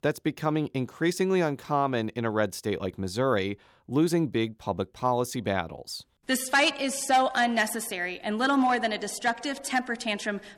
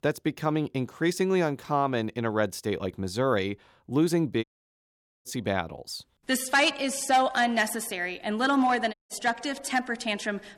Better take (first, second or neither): first